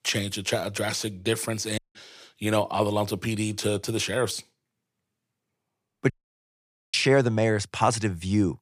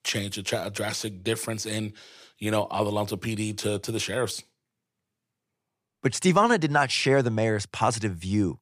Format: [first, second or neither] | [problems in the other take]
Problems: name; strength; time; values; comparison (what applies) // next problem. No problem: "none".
second | audio cutting out; at 2 s and at 6 s for 1 s